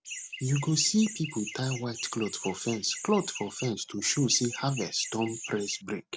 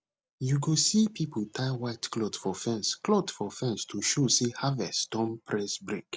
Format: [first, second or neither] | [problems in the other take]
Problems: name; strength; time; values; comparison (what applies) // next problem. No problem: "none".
second | background sound (Chirp, tweet); 11 dB below the speech